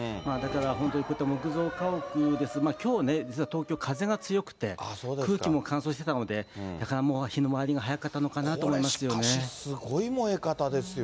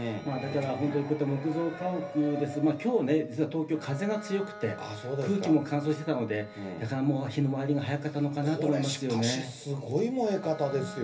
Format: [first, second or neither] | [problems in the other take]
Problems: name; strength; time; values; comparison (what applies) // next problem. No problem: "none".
first | background sound (Bowed string instrument); 20 dB below the speech // room echo; dies away in 0.3 s